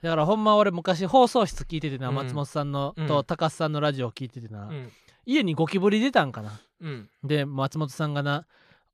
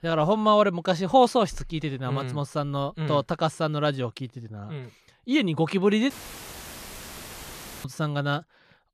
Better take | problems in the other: first | audio cutting out; filled with static; at 6 s for 1.5 s

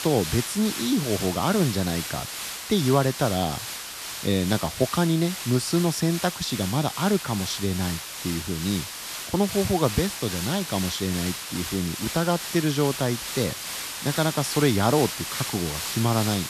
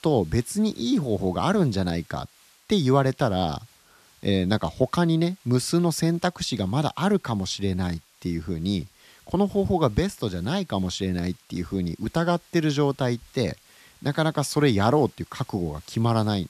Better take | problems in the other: second | hiss; loud; throughout; 6 dB below the speech; faint in the second

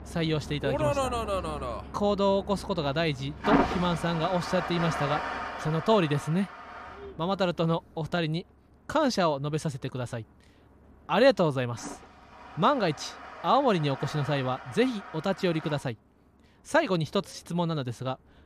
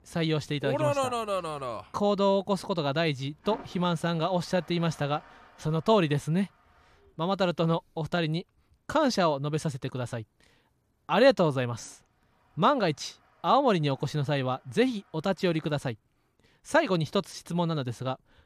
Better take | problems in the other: second | household noises; loud; throughout; 8 dB below the speech; faint in the second

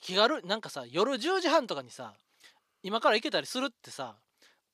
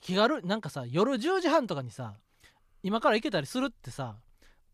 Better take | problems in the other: second | thin; very slightly; fading below 300 Hz

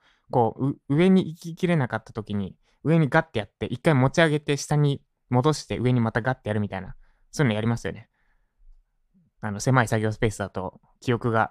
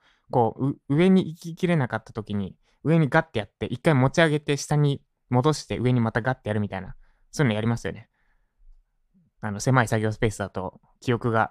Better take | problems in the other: neither | none

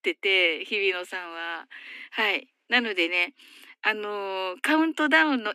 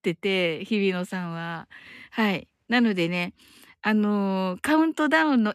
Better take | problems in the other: second | thin; somewhat; fading below 250 Hz

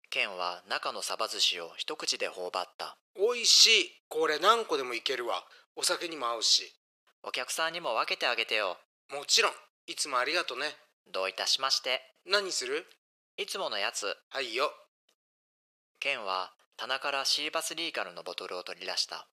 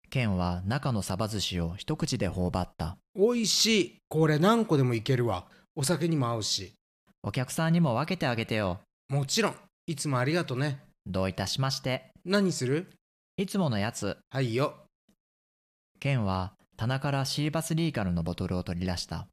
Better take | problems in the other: second | thin; very; fading below 450 Hz

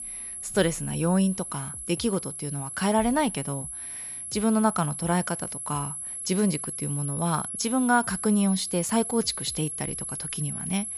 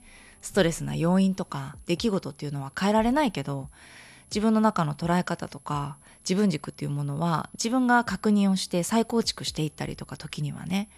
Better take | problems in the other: second | high-pitched whine; loud; throughout; 11 kHz, 6 dB below the speech; faint in the second

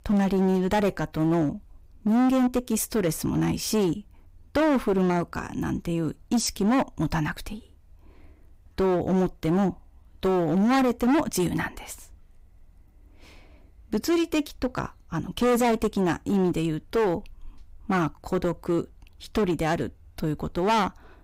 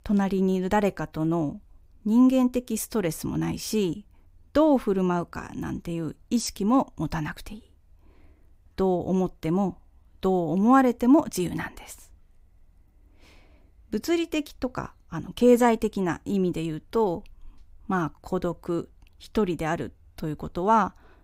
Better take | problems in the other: second | distortion; heavy; 10% of the sound clipped

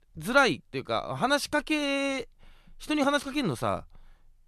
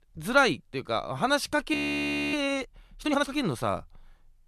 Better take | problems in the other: first | audio freezing; at 1.5 s for 0.5 s

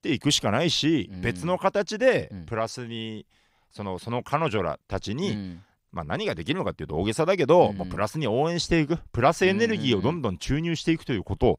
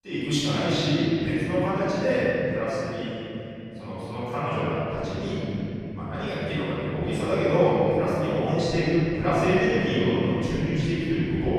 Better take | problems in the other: first | room echo; strong; dies away in 3 s // off-mic speech; far

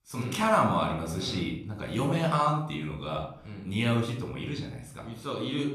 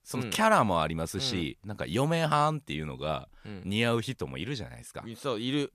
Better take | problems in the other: second | off-mic speech; somewhat distant // room echo; noticeable; dies away in 0.5 s

